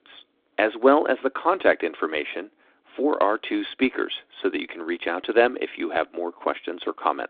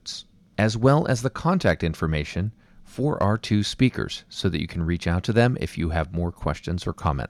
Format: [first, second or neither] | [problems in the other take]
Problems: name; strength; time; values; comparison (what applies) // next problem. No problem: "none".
second | phone-call audio